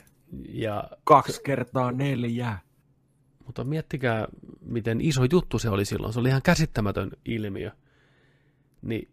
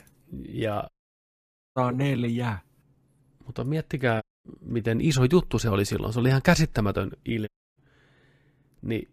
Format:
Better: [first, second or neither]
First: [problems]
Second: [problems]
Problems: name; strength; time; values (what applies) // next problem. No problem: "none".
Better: first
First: none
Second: audio cutting out; at 1 s for 1 s, at 4 s and at 7.5 s